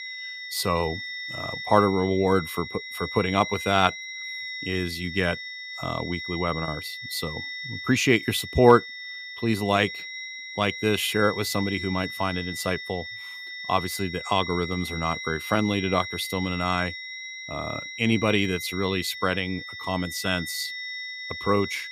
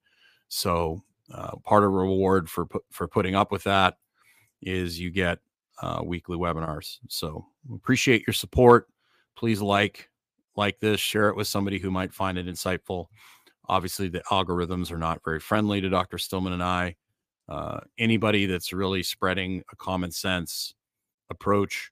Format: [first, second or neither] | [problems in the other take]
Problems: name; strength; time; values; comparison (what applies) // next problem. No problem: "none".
second | high-pitched whine; loud; throughout; 2 kHz, 8 dB below the speech